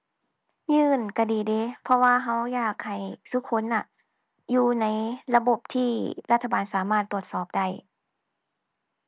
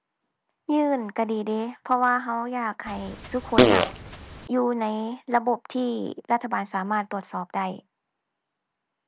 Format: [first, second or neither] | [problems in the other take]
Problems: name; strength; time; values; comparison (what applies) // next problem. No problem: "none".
first | background sound (Fart); 4 dB above the speech